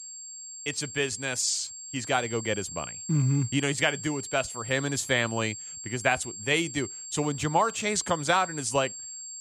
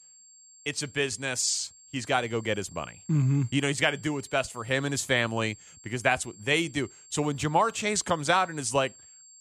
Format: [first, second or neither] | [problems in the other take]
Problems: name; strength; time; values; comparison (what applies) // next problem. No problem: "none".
second | high-pitched whine; loud; throughout; 7.5 kHz, 10 dB below the speech; faint in the second